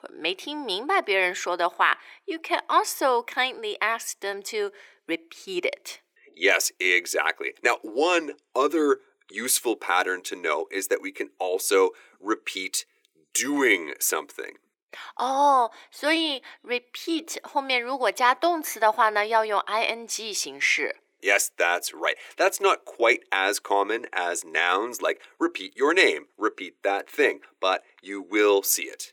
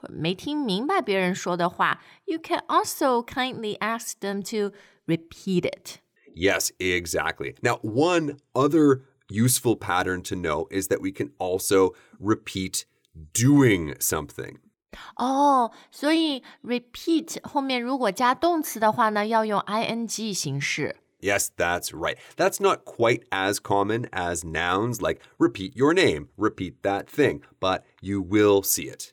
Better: second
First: thin; somewhat; fading below 350 Hz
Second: none

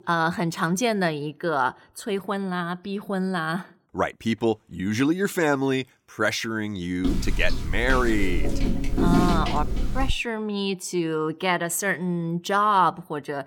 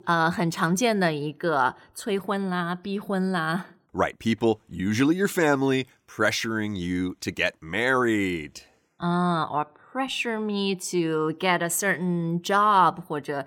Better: second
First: footsteps; loud; from 7 to 10 s; peak 4 dB above the speech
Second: none

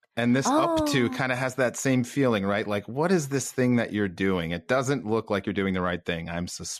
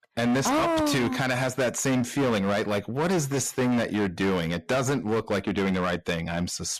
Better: first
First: none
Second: distortion; heavy; 20% of the sound clipped

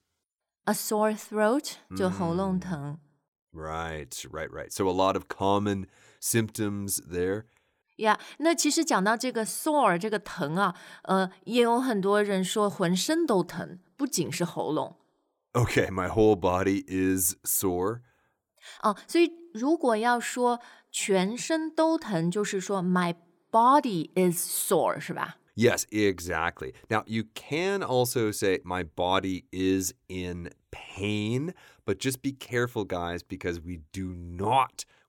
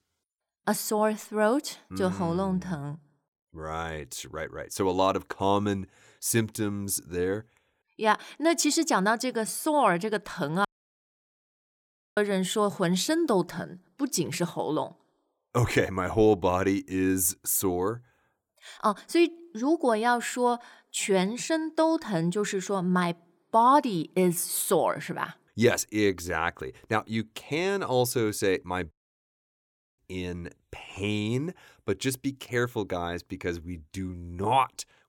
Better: first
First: none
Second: audio cutting out; at 11 s for 1.5 s and at 29 s for 1 s

